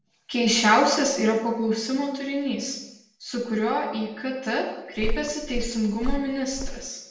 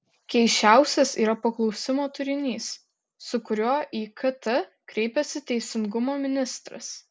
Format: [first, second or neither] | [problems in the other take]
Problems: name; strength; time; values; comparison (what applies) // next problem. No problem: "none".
second | background sound (Walk, footsteps); 3 dB below the speech // room echo; dies away in 0.8 s